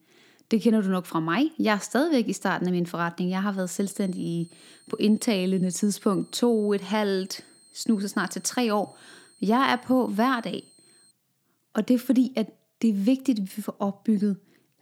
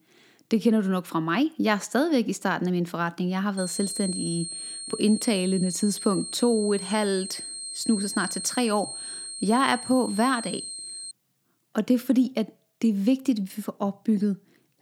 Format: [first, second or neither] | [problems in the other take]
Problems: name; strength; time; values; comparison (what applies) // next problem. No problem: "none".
first | high-pitched whine; loud; from 3.5 to 11 s; 8.5 kHz, 7 dB below the speech; faint in the first